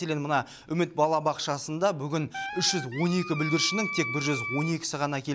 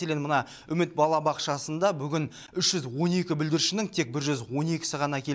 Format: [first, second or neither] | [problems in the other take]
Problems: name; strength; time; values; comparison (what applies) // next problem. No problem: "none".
second | background sound (Wind instrument, woodwind instrument); 7 dB below the speech